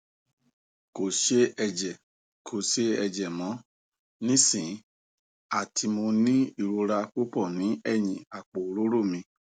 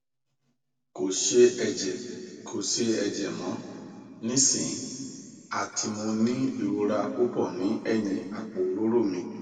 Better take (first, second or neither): first